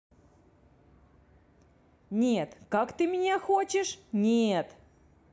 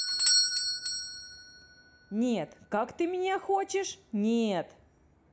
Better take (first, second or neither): first